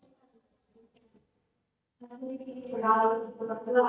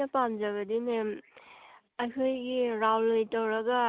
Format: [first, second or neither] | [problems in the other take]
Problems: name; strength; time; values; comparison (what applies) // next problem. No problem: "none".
second | noise reduction (neural mask model DeepFilterNet 3)